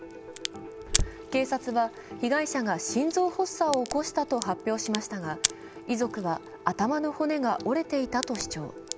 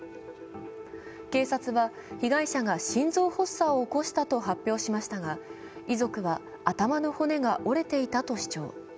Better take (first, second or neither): second